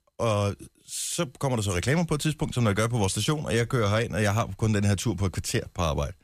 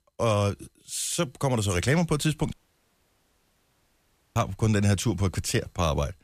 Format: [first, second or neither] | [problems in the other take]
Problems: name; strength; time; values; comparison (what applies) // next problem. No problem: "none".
first | audio cutting out; at 2.5 s for 2 s